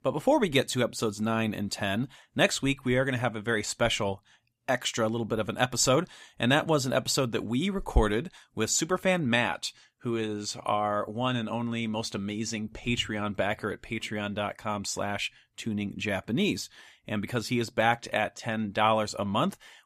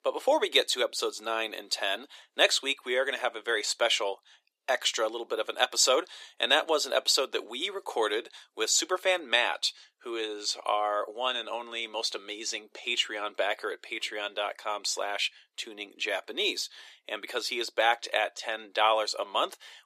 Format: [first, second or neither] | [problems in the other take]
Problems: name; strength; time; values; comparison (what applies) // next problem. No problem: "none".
first | thin; very; fading below 350 Hz